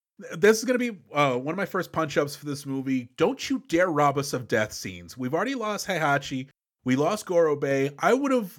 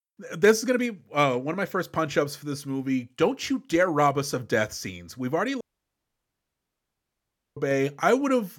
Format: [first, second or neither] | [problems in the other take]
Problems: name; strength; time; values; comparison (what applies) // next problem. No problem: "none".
first | audio cutting out; at 5.5 s for 2 s